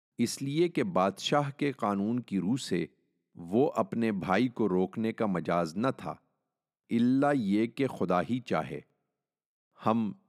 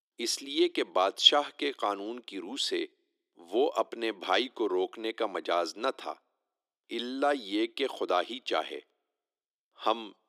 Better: first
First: none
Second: thin; somewhat; fading below 350 Hz

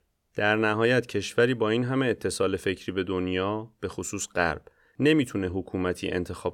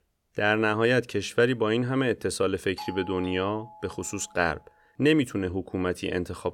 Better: first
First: none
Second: doorbell; faint; from 3 to 4.5 s; peak 10 dB below the speech

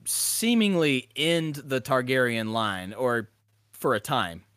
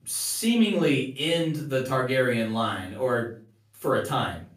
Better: first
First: none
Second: room echo; slight; dies away in 0.3 s // off-mic speech; far

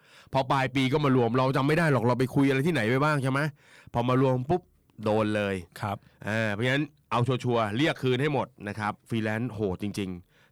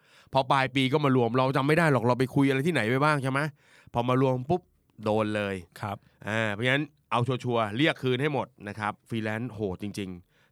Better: second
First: distortion; slight; 10 dB below the speech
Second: none

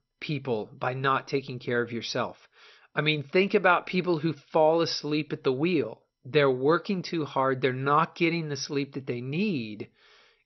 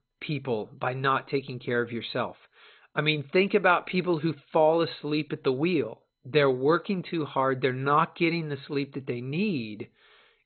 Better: first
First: garbled, watery; slightly; nothing above 6 kHz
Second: garbled, watery; badly; nothing above 4 kHz

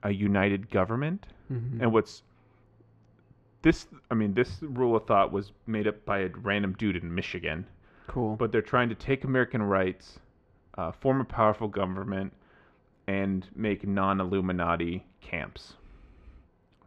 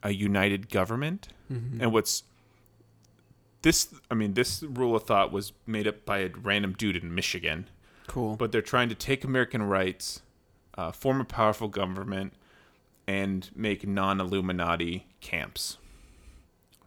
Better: second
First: muffled; very; fading above 2 kHz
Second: none

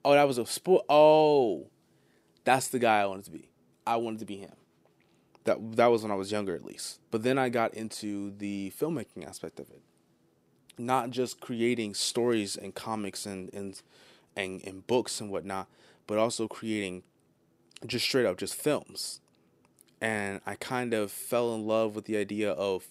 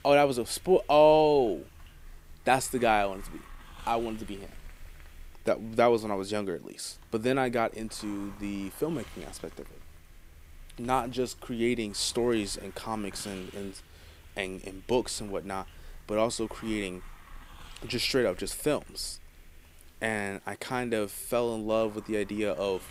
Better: first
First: none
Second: hiss; faint; throughout; 25 dB below the speech

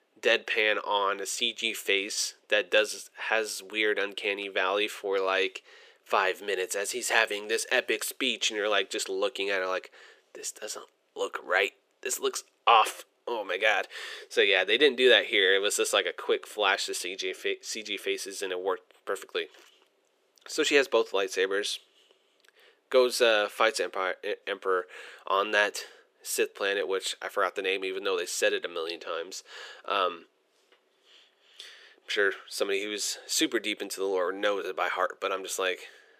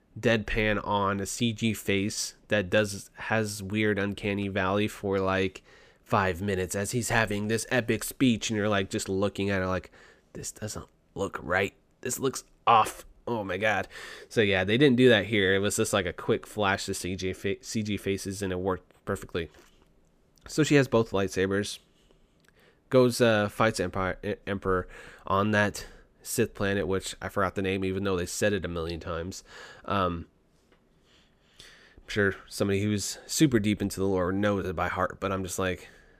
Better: second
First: thin; very; fading below 400 Hz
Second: none

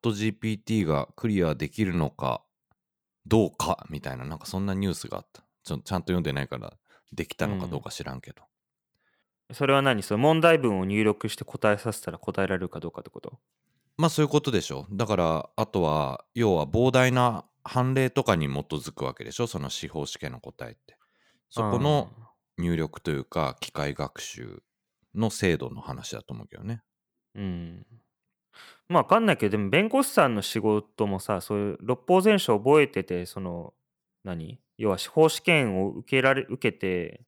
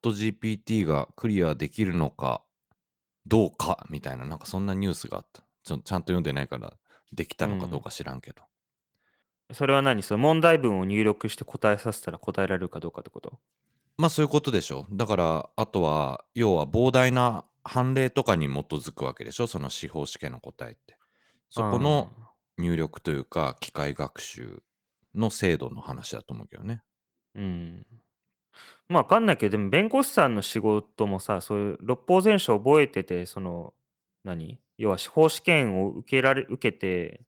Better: first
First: none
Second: garbled, watery; slightly

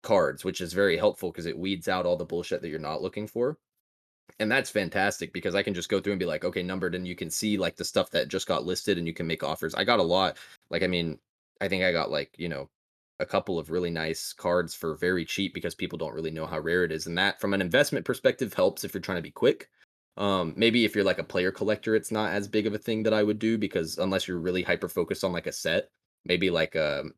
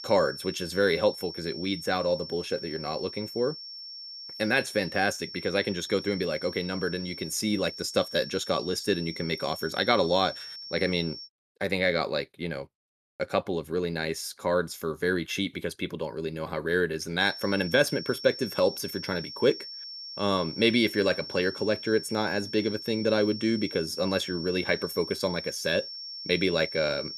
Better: first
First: none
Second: high-pitched whine; loud; until 11 s and from 17 s on; 5.5 kHz, 10 dB below the speech

